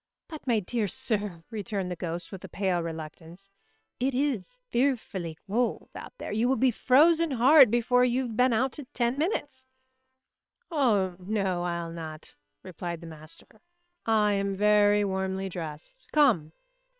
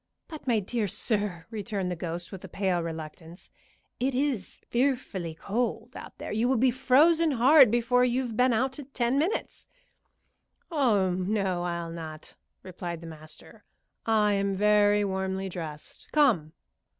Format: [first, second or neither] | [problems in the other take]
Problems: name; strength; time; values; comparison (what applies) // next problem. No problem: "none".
second | noise reduction (neural separator model SepFormer WHAM!)